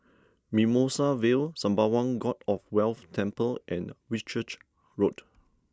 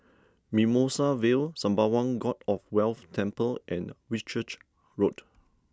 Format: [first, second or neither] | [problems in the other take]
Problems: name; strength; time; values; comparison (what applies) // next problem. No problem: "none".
second | noise reduction (neural mask model Resemble Enhance denoiser)